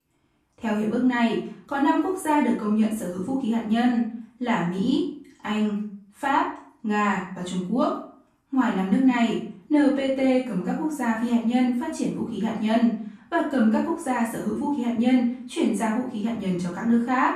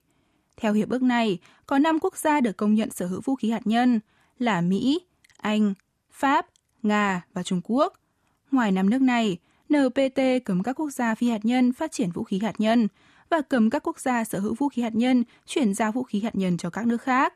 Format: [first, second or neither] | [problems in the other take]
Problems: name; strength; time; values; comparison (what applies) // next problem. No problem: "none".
second | off-mic speech; far // room echo; noticeable; dies away in 0.4 s